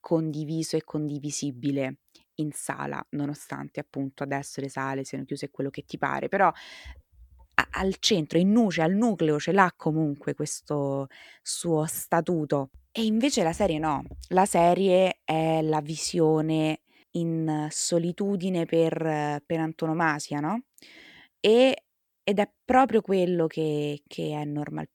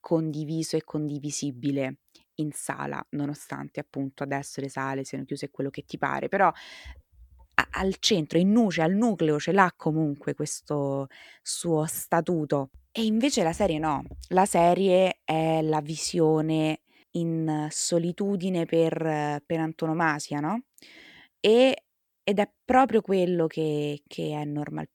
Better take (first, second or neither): neither